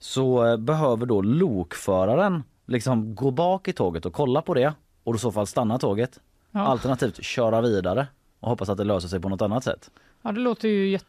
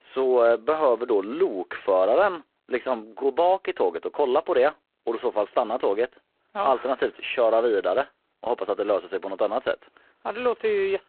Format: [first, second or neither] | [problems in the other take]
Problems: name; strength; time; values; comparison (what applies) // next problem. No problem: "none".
first | phone-call audio; poor line